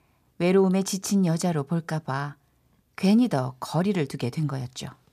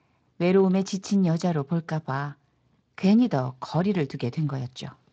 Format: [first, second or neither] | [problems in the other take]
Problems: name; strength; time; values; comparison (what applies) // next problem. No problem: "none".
first | garbled, watery; slightly